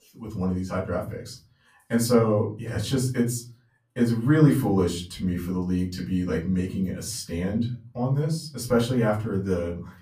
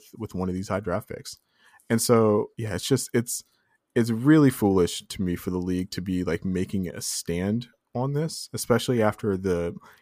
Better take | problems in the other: second | off-mic speech; far // room echo; slight; dies away in 0.5 s

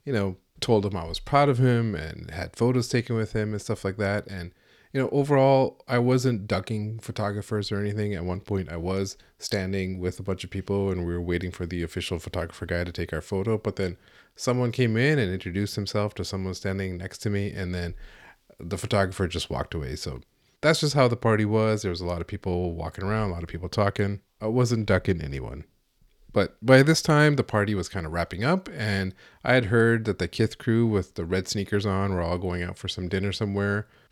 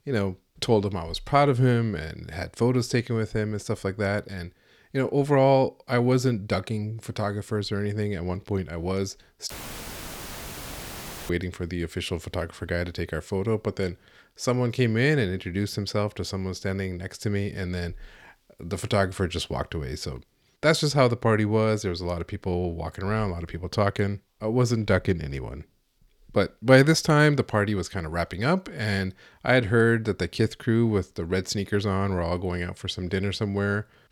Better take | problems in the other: first | audio cutting out; filled with static; at 9.5 s for 2 s

